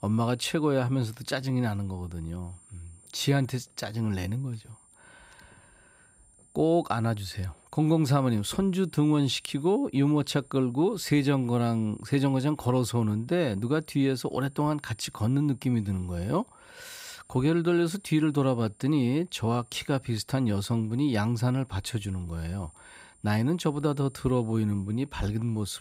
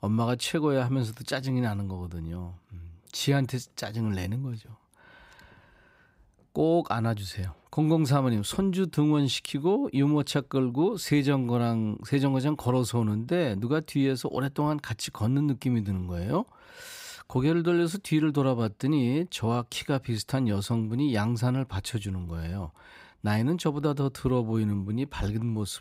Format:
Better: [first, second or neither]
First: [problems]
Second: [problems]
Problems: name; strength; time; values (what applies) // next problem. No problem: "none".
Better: second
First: high-pitched whine; faint; throughout; 9 kHz, 30 dB below the speech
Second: none